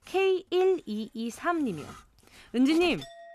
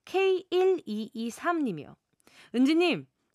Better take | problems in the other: second | household noises; noticeable; throughout; 20 dB below the speech

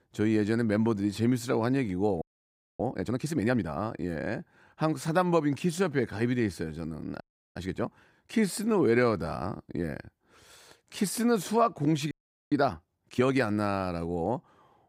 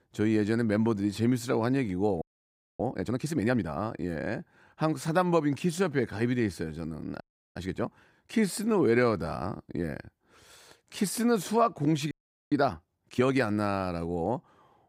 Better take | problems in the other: neither | audio freezing; at 2 s for 0.5 s, at 7 s and at 12 s; the same in both

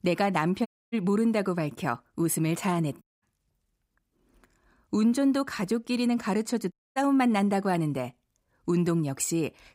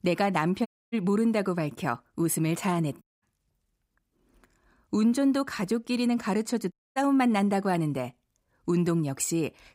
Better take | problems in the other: neither | audio cutting out; at 0.5 s, at 3 s and at 6.5 s; the same in both

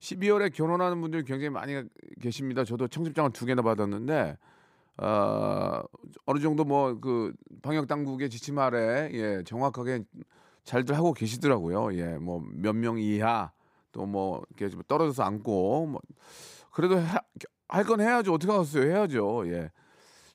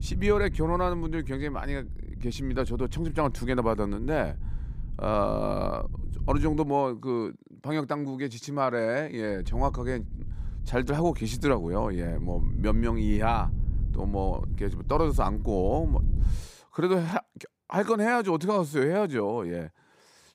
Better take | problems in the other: first | low rumble; faint; until 6.5 s and from 9.5 to 16 s; 20 dB below the speech

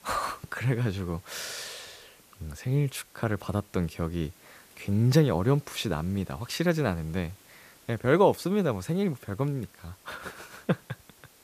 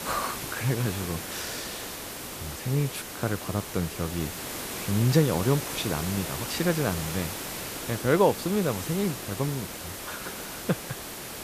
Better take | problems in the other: first | hiss; loud; throughout; 6 dB below the speech; faint in the first

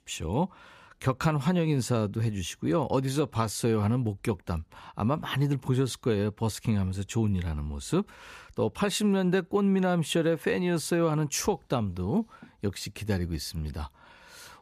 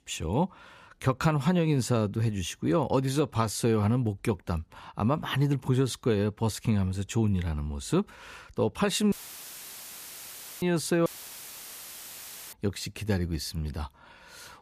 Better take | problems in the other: first | audio cutting out; filled with static; at 9 s for 1.5 s and at 11 s for 1.5 s

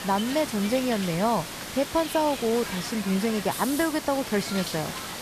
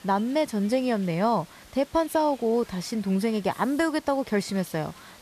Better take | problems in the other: second | hiss; loud; throughout; 7 dB below the speech; faint in the second

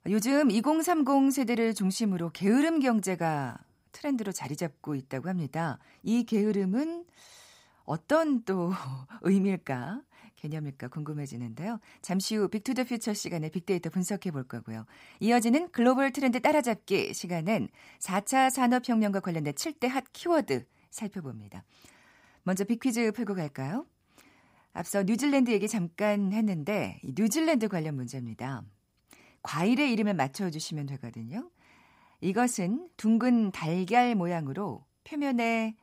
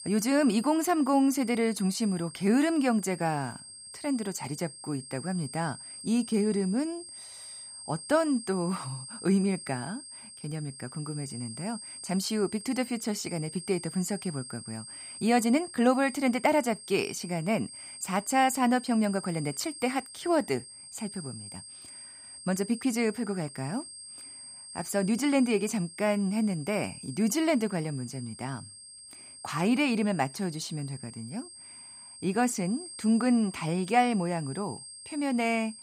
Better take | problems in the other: first | high-pitched whine; noticeable; throughout; 8.5 kHz, 15 dB below the speech

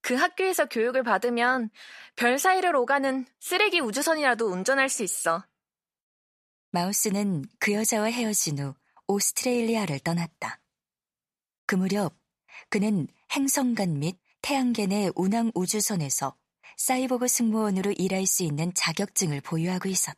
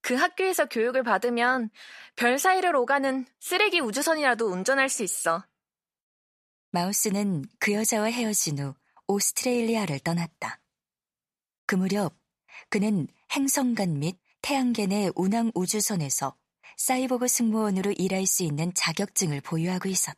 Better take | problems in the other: neither | none

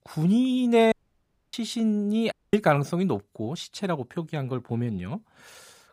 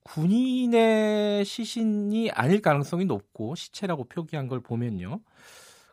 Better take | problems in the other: second | audio cutting out; at 1 s for 0.5 s and at 2.5 s

